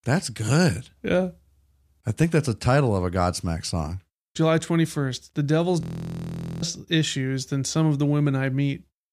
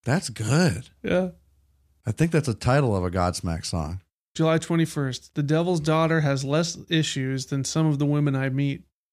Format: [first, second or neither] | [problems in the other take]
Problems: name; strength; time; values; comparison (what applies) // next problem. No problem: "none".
second | audio freezing; at 6 s for 1 s